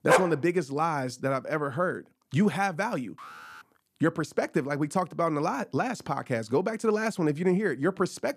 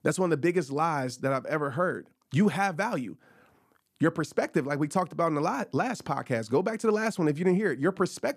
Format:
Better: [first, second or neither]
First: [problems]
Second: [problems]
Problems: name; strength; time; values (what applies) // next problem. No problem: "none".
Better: second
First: dog barking; loud; at the start; peak 4 dB above the speech // alarm; faint; at 3 s; peak 15 dB below the speech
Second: none